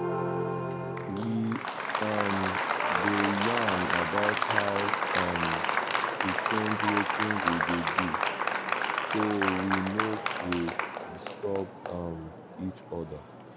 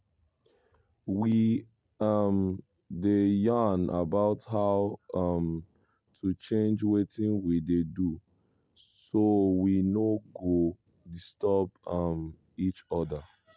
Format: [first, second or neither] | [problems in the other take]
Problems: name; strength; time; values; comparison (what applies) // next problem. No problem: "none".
second | background sound (Applause); 3 dB above the speech